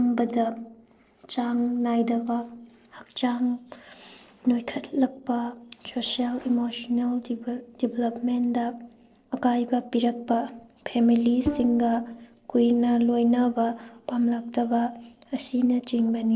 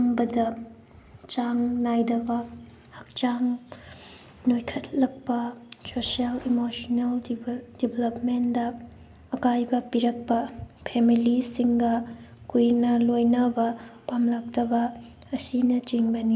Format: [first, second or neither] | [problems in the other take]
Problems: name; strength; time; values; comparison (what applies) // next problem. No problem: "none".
second | noise reduction (neural separator model SepFormer DNS4)